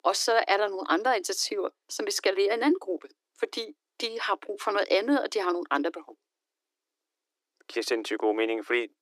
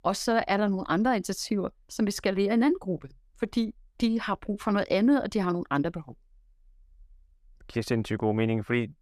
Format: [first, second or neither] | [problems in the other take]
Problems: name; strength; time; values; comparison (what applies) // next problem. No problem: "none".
second | thin; somewhat; fading below 300 Hz